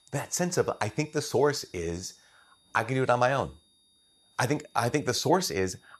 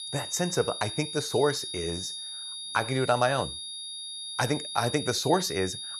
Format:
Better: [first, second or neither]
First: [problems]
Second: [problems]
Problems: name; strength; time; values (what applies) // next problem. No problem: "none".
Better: first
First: high-pitched whine; faint; throughout; 3.5 kHz, 35 dB below the speech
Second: high-pitched whine; loud; throughout; 3.5 kHz, 6 dB below the speech